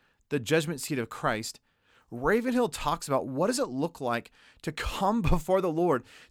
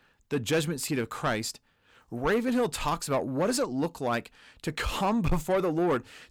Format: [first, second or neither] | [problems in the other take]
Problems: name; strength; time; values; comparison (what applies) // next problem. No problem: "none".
first | distortion; slight; 10 dB below the speech